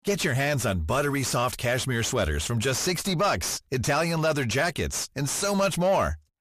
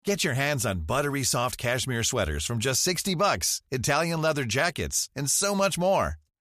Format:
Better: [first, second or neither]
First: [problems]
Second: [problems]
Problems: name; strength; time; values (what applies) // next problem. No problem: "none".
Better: second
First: distortion; slight; 9 dB below the speech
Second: none